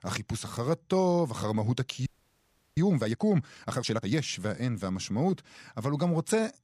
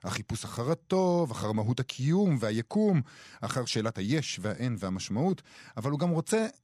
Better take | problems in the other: second | audio freezing; at 2 s for 0.5 s

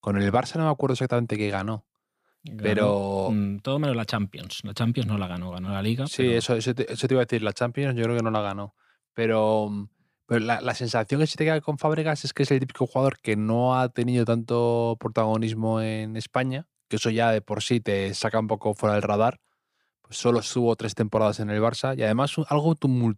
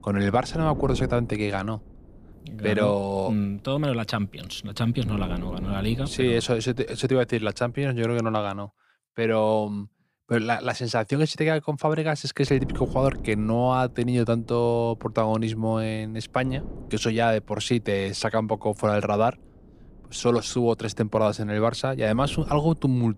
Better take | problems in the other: first | wind noise on the microphone; occasional gusts; until 8 s and from 12 s on; 20 dB below the speech

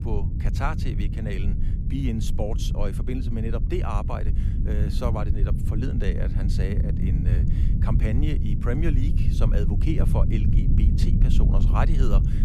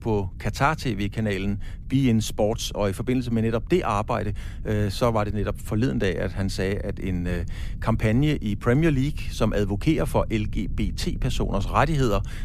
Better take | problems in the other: second | low rumble; loud; throughout; 4 dB below the speech; faint in the second

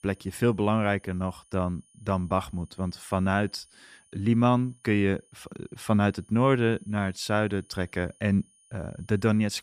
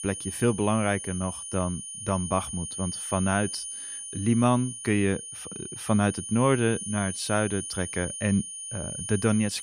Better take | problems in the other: first | high-pitched whine; loud; throughout; 9.5 kHz, 7 dB below the speech; faint in the first

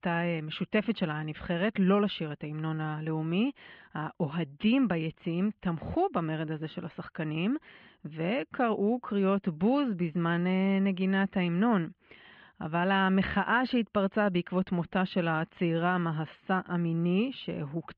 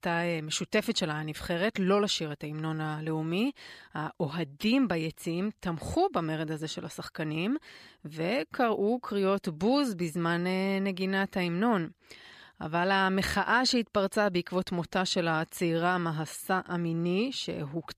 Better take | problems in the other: second | muffled; very; fading above 3 kHz

